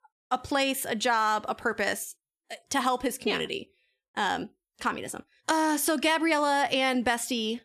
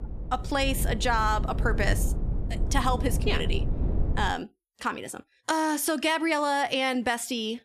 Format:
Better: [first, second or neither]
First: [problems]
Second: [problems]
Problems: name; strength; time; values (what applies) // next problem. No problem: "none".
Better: first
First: none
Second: low rumble; noticeable; until 4.5 s; 15 dB below the speech